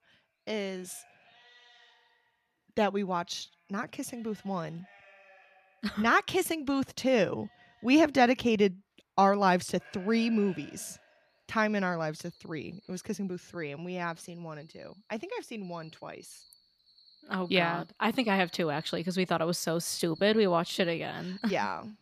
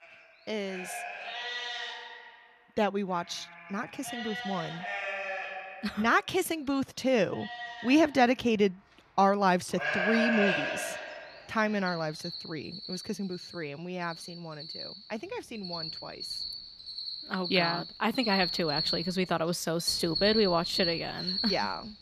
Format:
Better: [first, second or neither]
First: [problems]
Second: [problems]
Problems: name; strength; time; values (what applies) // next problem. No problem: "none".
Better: first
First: animal sounds; faint; throughout; 25 dB below the speech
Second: animal sounds; loud; throughout; 4 dB below the speech